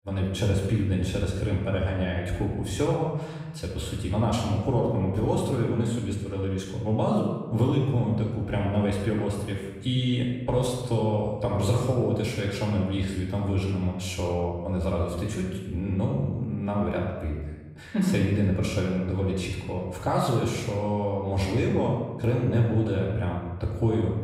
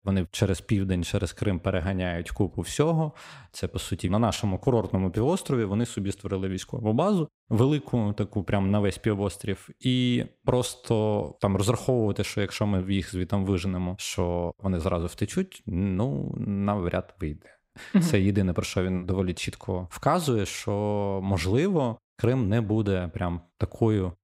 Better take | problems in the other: second | room echo; noticeable; dies away in 1.1 s // off-mic speech; far

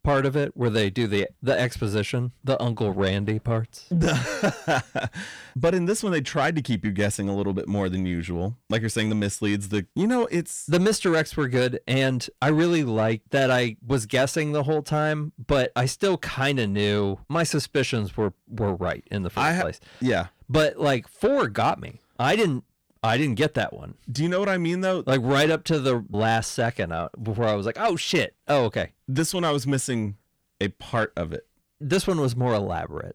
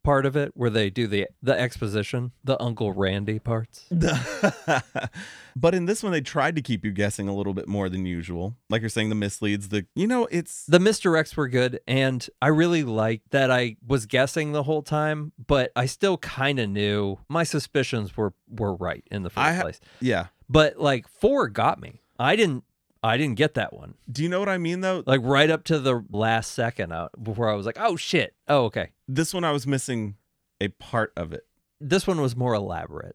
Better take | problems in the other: second | distortion; slight; 10 dB below the speech

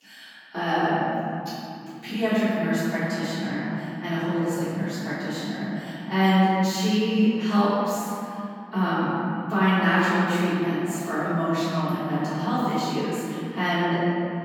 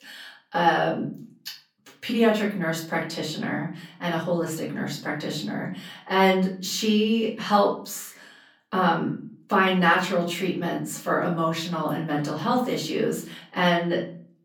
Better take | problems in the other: second | room echo; strong; dies away in 2.6 s; slight in the second // off-mic speech; far; far in the second

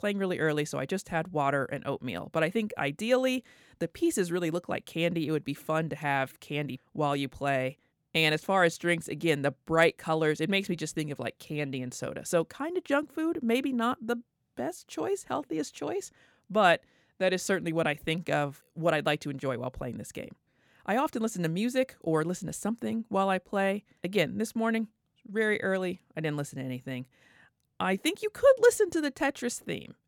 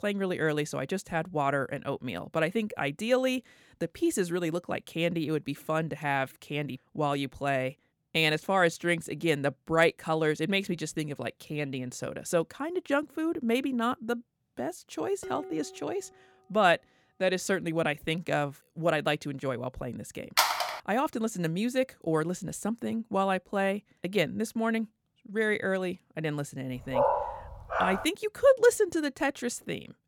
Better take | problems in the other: first | clattering dishes; faint; at 15 s; peak 10 dB below the speech // phone ringing; loud; at 20 s; peak 4 dB above the speech // dog barking; loud; from 27 to 28 s; peak 3 dB above the speech

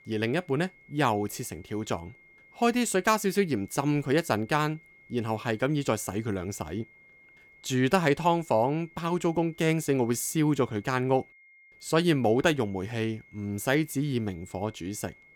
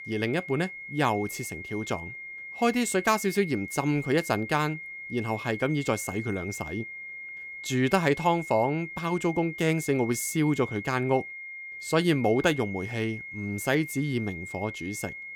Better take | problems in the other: first | high-pitched whine; loud; throughout; 2 kHz, 10 dB below the speech; faint in the first

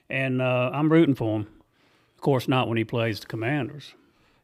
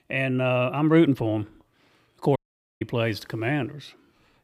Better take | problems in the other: first | audio cutting out; at 2.5 s

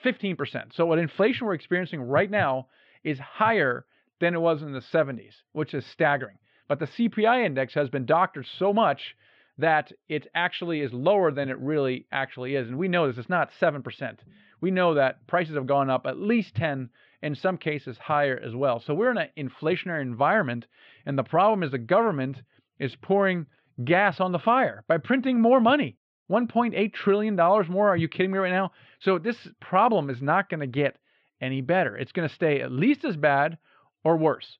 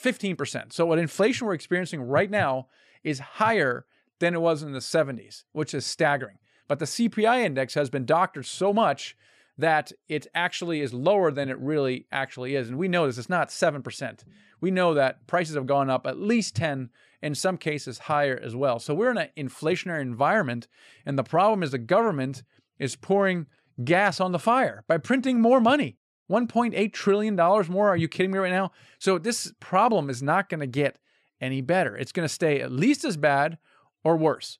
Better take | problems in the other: second | muffled; very; fading above 3.5 kHz

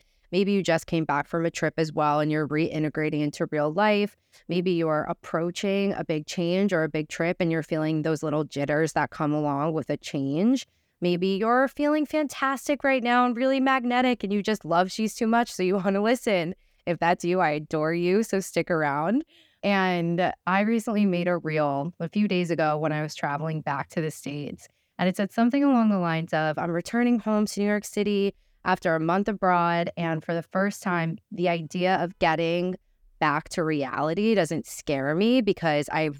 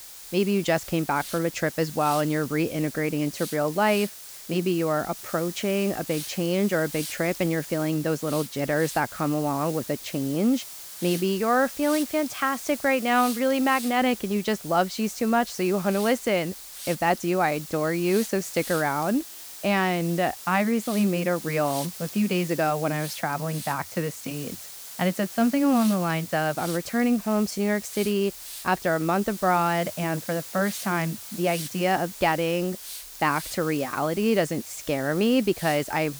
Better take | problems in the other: first | hiss; noticeable; throughout; 10 dB below the speech

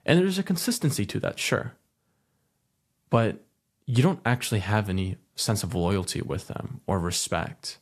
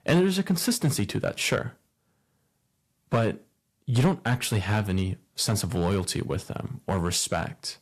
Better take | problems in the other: first | distortion; slight; 3% of the sound clipped

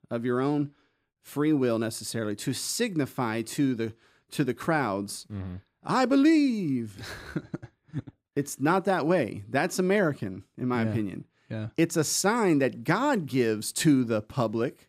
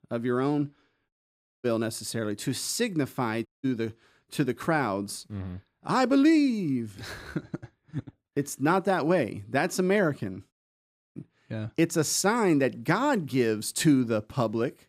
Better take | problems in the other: first | audio cutting out; at 1 s for 0.5 s, at 3.5 s and at 11 s for 0.5 s

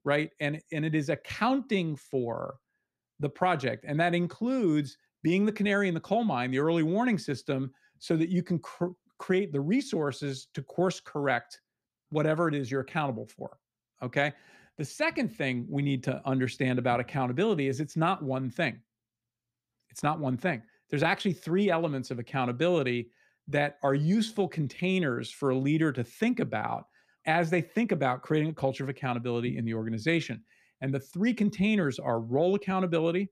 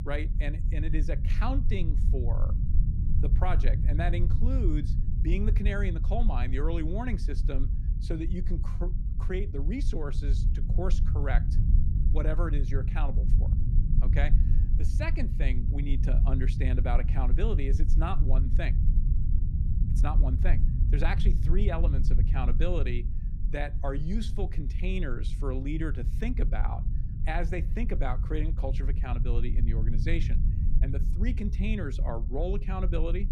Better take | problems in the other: first | low rumble; loud; throughout; 8 dB below the speech

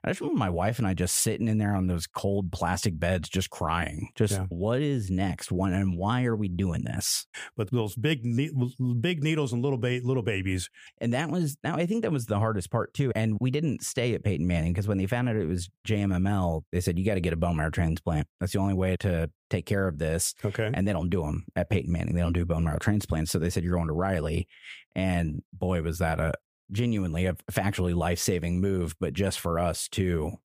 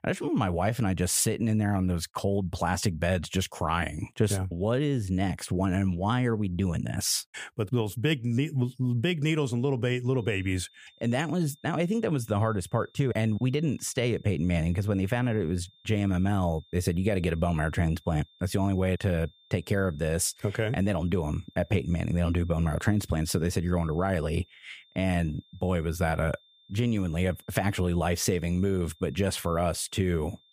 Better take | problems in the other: first | high-pitched whine; faint; from 10 s on; 3.5 kHz, 30 dB below the speech

